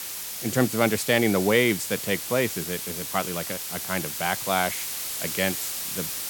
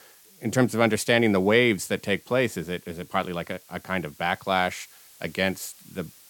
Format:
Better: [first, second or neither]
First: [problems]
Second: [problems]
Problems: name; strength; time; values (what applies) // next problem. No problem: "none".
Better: second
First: hiss; loud; throughout; 4 dB below the speech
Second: hiss; faint; throughout; 25 dB below the speech